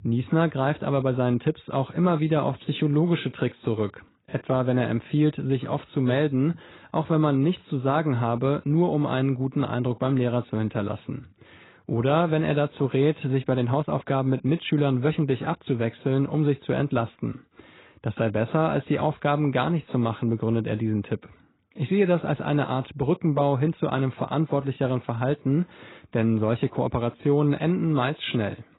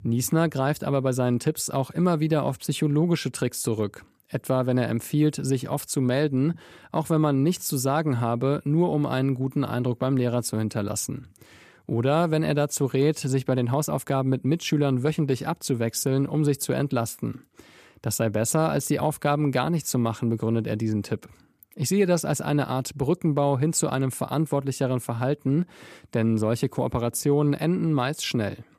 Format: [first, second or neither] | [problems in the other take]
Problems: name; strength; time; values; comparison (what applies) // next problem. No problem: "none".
second | garbled, watery; badly; nothing above 4 kHz